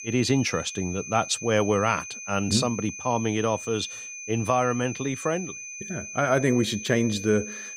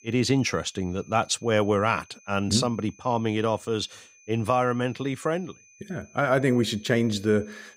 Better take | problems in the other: second | high-pitched whine; loud; throughout; 6 kHz, 10 dB below the speech; faint in the second

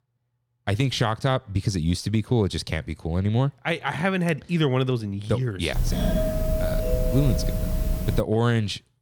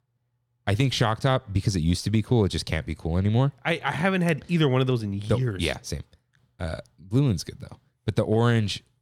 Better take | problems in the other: second | doorbell; loud; from 5.5 to 8 s; peak 1 dB above the speech

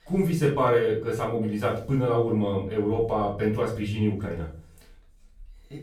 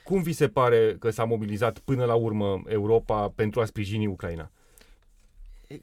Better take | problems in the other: second | off-mic speech; far // room echo; slight; dies away in 0.4 s

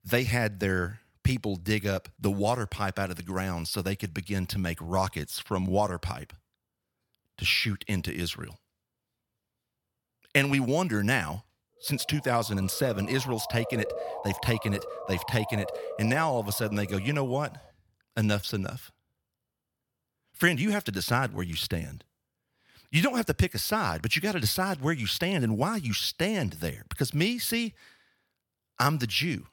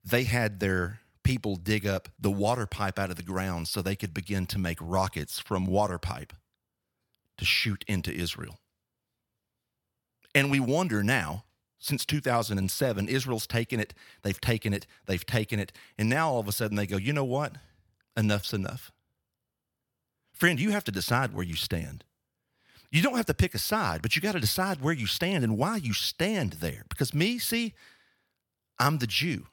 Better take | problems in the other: second | siren; noticeable; from 12 to 17 s; peak 6 dB below the speech

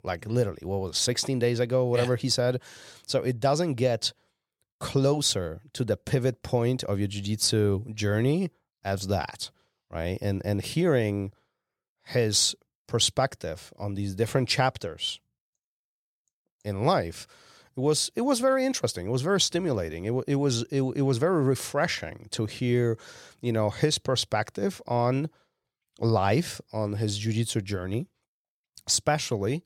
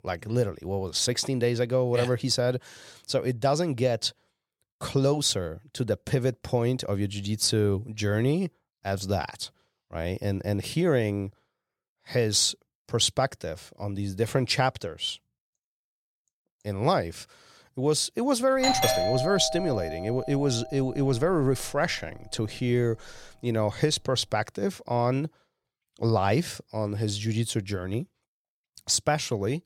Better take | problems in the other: first | doorbell; loud; from 19 to 22 s; peak 3 dB above the speech

